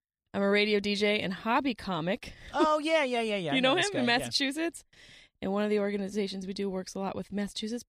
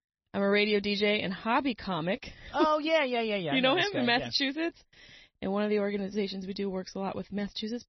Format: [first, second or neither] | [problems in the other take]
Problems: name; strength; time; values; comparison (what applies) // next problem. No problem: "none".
first | garbled, watery; slightly; nothing above 6 kHz